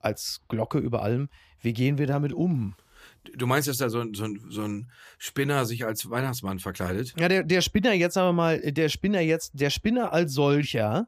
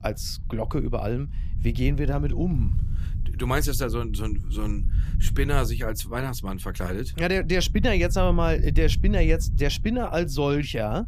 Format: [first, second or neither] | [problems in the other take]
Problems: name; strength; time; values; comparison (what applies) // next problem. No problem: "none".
first | low rumble; noticeable; throughout; 20 dB below the speech